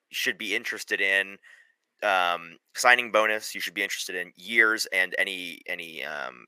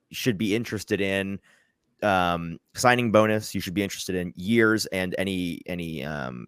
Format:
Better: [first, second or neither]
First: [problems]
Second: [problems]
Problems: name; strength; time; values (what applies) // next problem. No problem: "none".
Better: second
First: thin; very; fading below 600 Hz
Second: none